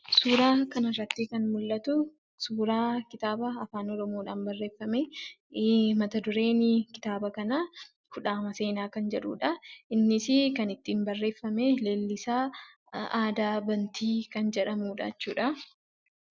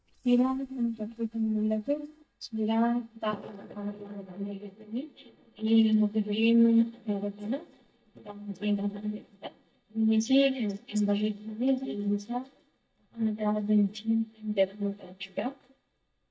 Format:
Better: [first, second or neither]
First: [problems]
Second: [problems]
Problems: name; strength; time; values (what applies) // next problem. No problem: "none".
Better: first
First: none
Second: noise reduction (neural mask model DeepFilterNet 3)